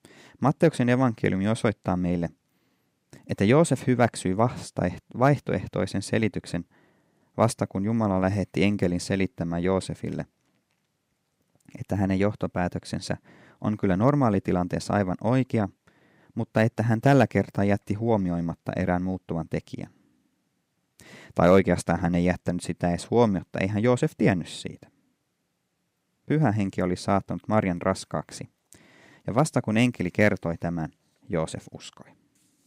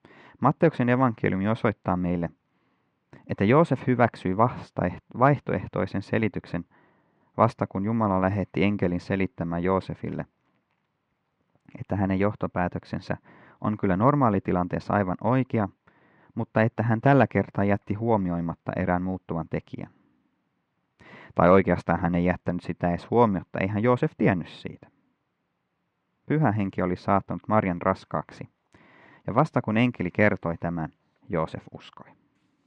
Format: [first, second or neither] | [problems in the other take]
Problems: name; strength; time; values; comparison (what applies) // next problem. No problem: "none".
first | muffled; slightly; fading above 2.5 kHz